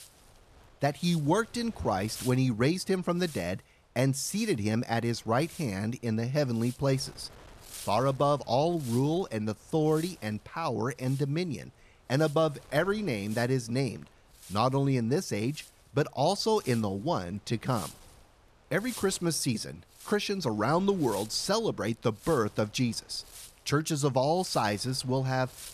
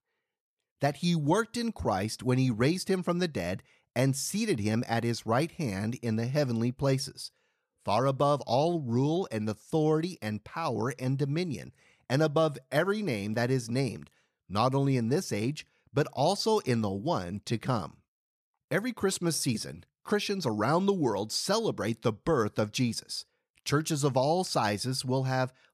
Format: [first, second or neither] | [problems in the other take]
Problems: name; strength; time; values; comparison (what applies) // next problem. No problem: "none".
second | wind noise on the microphone; occasional gusts; 20 dB below the speech